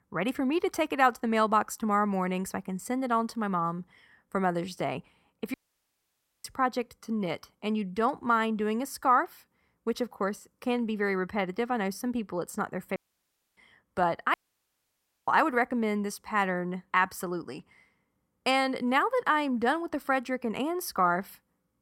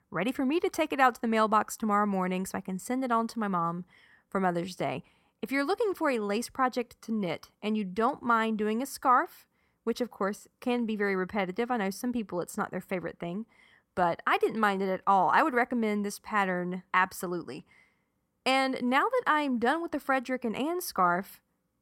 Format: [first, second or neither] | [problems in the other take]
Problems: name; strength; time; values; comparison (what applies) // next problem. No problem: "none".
second | audio cutting out; at 5.5 s for 1 s, at 13 s for 0.5 s and at 14 s for 1 s